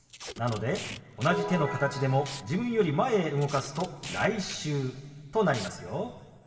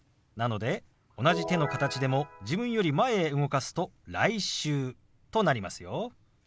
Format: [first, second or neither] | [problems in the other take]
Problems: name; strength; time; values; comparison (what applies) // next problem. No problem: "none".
second | background sound (Packing tape, duct tape); 16 dB below the speech // room echo; dies away in 1.8 s